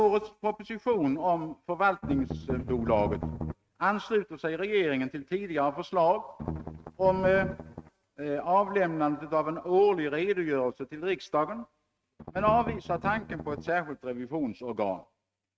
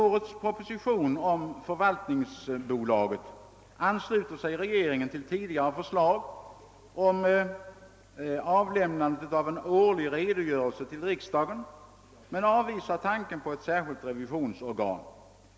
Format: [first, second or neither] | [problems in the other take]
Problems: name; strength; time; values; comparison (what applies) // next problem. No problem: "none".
second | noise reduction (neural mask model RNNoise)